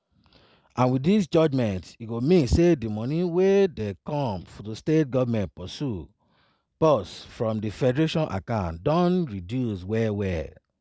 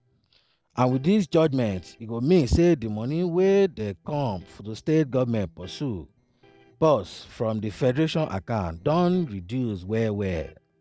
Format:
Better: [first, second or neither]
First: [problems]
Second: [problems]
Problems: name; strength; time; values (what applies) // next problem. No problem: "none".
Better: first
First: none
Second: noise reduction (neural separator model SepFormer DNS4)